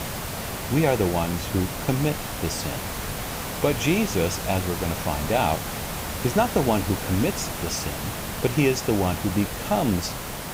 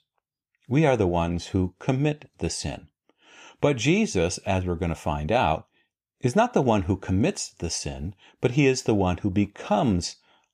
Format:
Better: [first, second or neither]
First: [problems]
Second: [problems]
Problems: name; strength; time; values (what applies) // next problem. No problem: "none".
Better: second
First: hiss; loud; throughout; 5 dB below the speech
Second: none